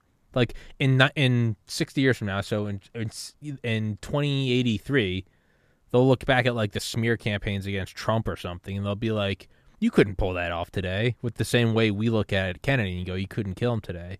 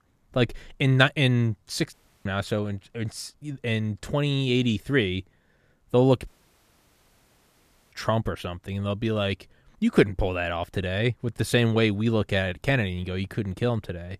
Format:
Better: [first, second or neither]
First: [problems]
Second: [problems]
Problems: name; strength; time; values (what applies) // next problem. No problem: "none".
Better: first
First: none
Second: audio cutting out; at 2 s and at 6.5 s for 1.5 s